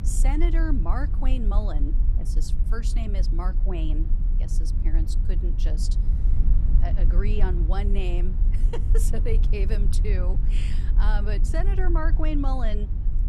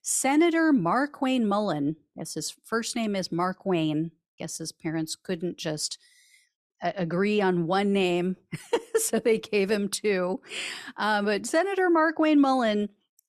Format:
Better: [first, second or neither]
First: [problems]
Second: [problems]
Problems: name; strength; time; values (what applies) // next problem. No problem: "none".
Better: second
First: low rumble; loud; throughout; 9 dB below the speech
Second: none